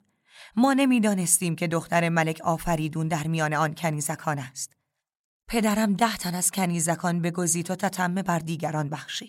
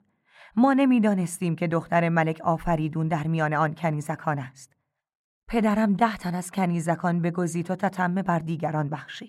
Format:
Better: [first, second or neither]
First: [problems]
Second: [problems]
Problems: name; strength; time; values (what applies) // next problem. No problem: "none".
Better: first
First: none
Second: muffled; very; fading above 3 kHz